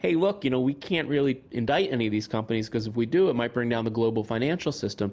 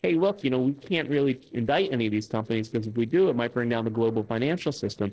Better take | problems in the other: first | noise reduction (neural separator model SepFormer DNS4)

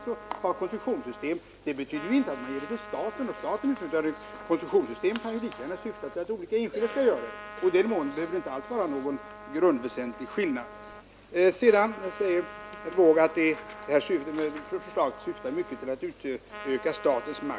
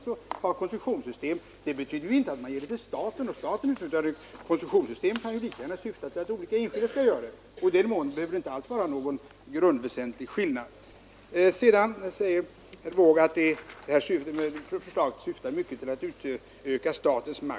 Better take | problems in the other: second | background sound (Trumpet); 16 dB below the speech

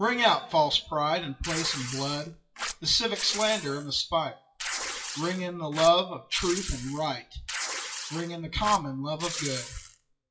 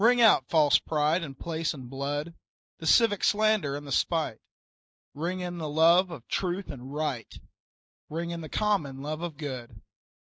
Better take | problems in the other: second | noise reduction (classical method WPE with log-MMSE)

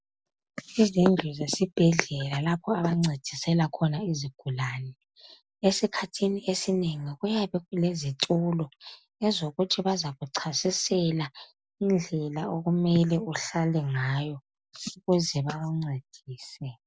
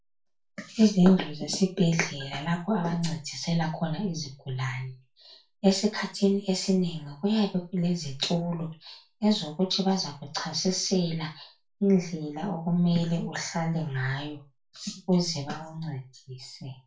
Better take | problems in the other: first | room echo; dies away in 0.3 s

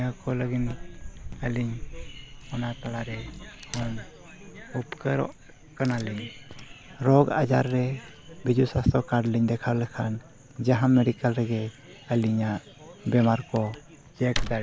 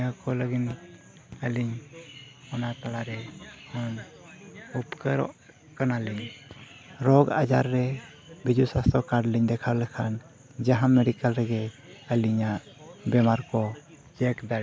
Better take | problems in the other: second | background sound (Tearing / Wood); 14 dB below the speech

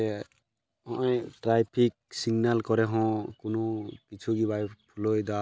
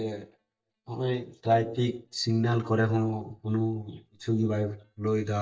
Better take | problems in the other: first | noise reduction (neural mask model DeepFilterNet 3)

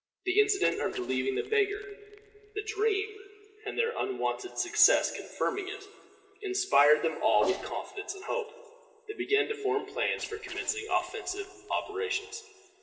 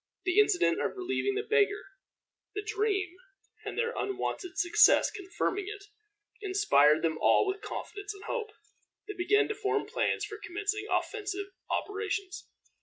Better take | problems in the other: second | noise reduction (neural separator model SepFormer DNS4)

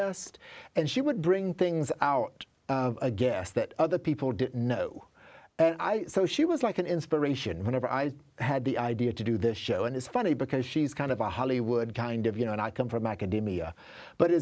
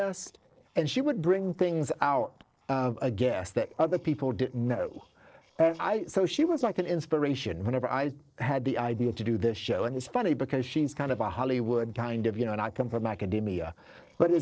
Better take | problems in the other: first | noise reduction (neural separator model SepFormer DNS4)

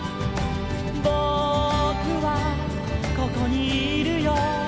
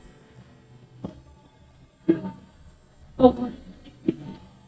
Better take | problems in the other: first | noise reduction (neural mask model DeepFilterNet 3)

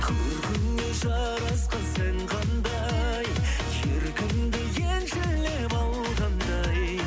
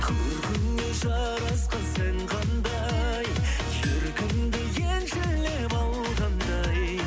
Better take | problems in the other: first | background sound (Gong); 13 dB below the speech

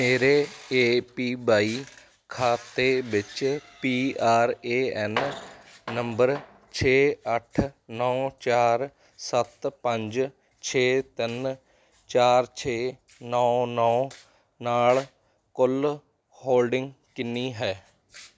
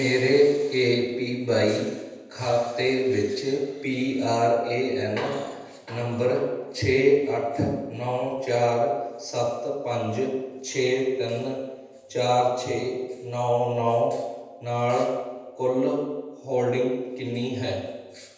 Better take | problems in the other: first | room echo; dies away in 1.1 s

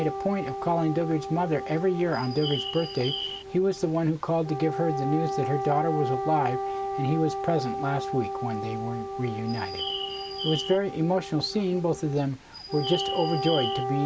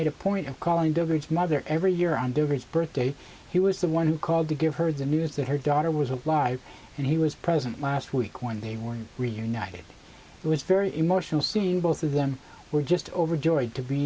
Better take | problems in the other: second | background sound (Bird + Wind instrument, woodwind instrument); 5 dB below the speech

